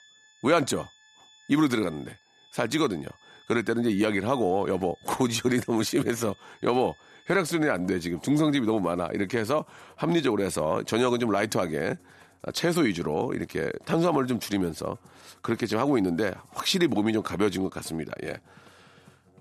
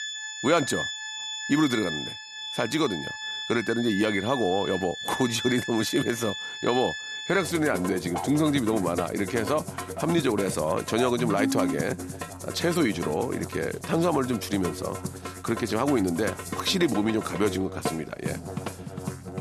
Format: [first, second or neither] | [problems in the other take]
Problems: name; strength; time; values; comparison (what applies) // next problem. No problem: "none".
first | background music; loud; throughout; 7 dB below the speech; faint in the first